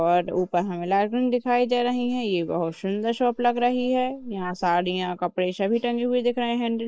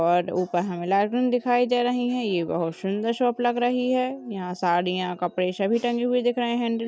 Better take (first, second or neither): second